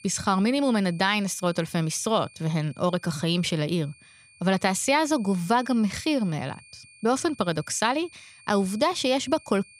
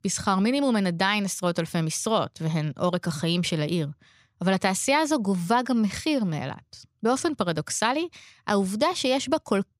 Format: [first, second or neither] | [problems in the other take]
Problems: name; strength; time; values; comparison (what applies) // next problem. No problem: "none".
second | high-pitched whine; faint; throughout; 2.5 kHz, 25 dB below the speech